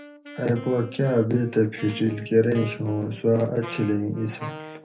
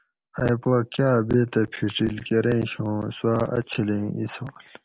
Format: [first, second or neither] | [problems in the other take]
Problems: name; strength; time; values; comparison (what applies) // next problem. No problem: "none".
second | background sound (Wind instrument, woodwind instrument); 16 dB below the speech // room echo; dies away in 0.3 s